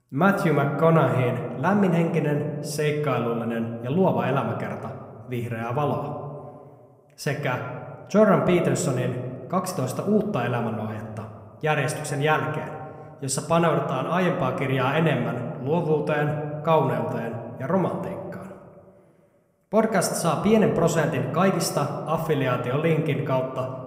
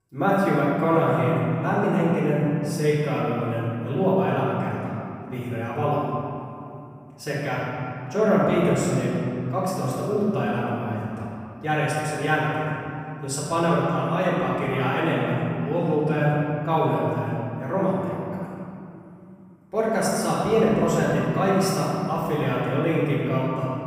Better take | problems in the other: first | room echo; strong; dies away in 2.6 s; slight in the first // off-mic speech; far

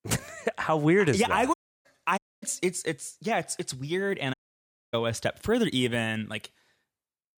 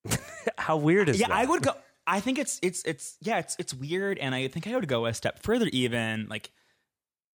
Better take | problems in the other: second | audio cutting out; at 1.5 s, at 2 s and at 4.5 s for 0.5 s

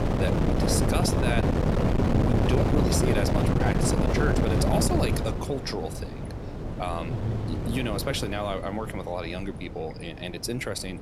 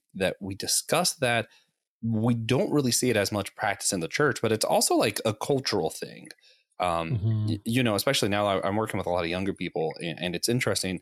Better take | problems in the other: second | wind noise on the microphone; heavy; 1 dB above the speech

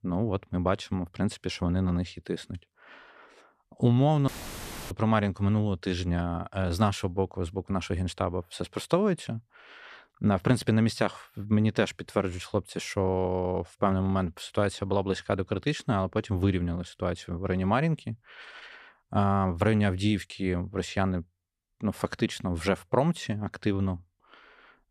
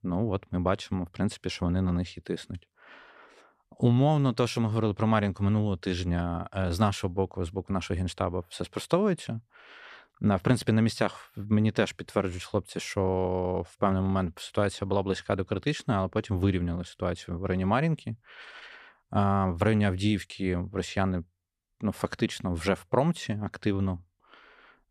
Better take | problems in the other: second | audio cutting out; filled with static; at 4.5 s for 0.5 s

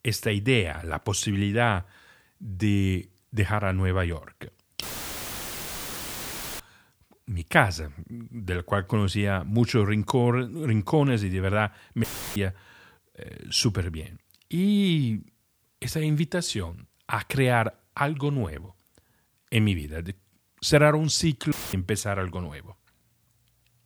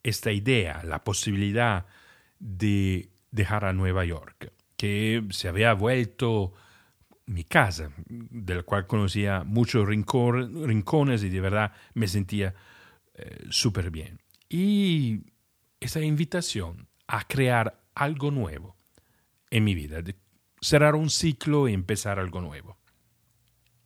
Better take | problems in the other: second | audio cutting out; filled with static; at 5 s for 2 s, at 12 s and at 22 s

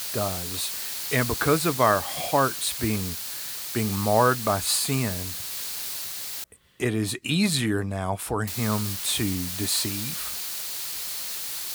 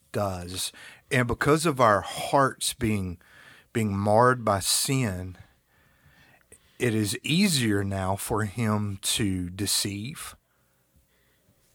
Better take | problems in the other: second | hiss; loud; until 6.5 s and from 8.5 s on; 3 dB below the speech

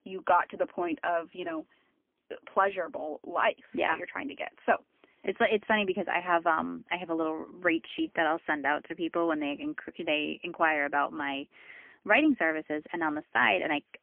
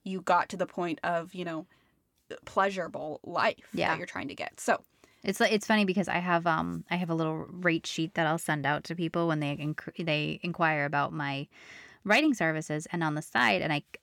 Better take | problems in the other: second | phone-call audio; poor line; nothing above 3 kHz

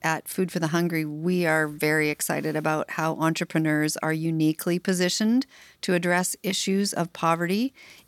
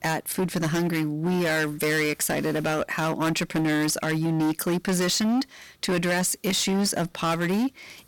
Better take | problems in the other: first | distortion; heavy; 21% of the sound clipped

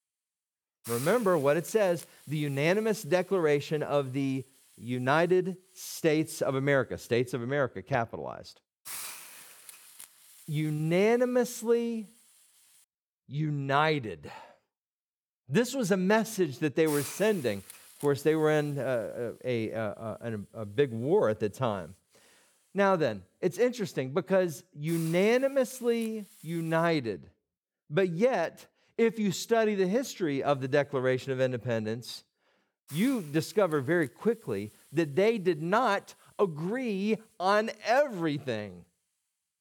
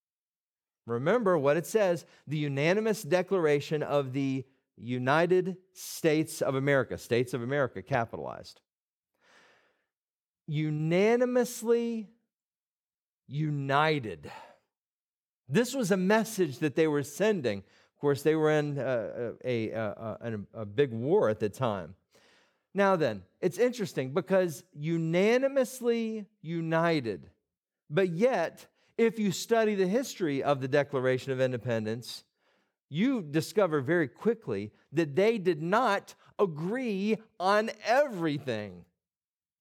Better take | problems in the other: second | hiss; noticeable; until 13 s, from 16 to 27 s and from 31 s on; 20 dB below the speech

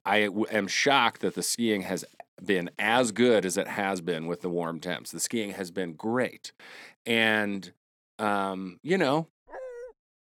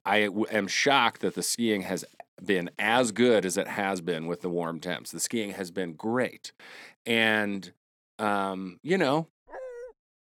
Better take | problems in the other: neither | dog barking; faint; at 9.5 s; peak 15 dB below the speech; the same in both

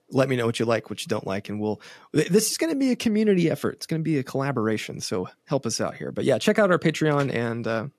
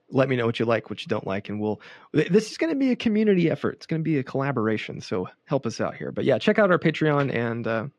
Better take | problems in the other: first | muffled; slightly; fading above 3 kHz

